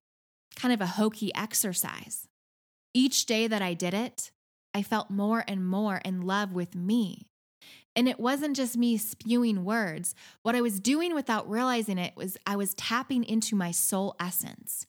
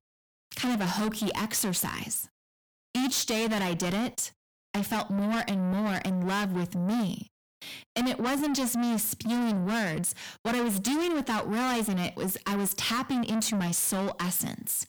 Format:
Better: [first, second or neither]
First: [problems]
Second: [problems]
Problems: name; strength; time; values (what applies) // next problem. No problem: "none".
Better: first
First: none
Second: distortion; heavy; 5 dB below the speech